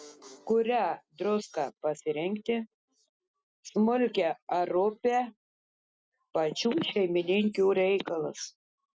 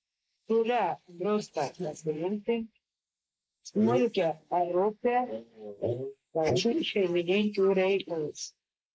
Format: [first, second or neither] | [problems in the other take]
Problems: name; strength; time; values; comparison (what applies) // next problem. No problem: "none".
first | noise reduction (neural mask model Resemble Enhance denoiser)